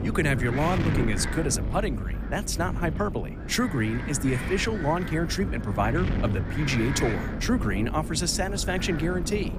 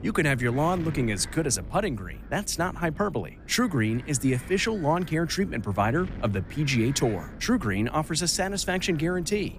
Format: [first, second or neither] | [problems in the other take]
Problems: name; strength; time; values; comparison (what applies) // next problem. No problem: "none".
second | wind noise on the microphone; heavy; 7 dB below the speech; occasional gusts in the second